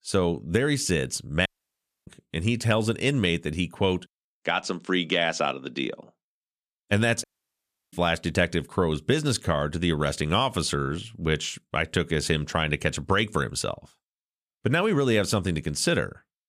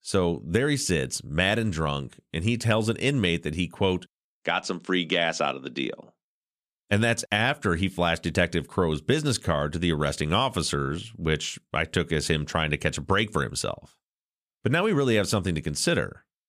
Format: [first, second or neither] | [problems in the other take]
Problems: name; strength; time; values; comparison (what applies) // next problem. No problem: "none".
second | audio cutting out; at 1.5 s for 0.5 s and at 7 s for 0.5 s